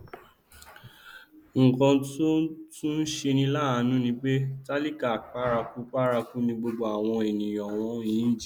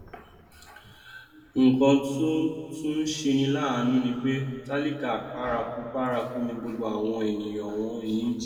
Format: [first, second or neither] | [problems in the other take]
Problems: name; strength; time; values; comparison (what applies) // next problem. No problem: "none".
first | room echo; dies away in 1.9 s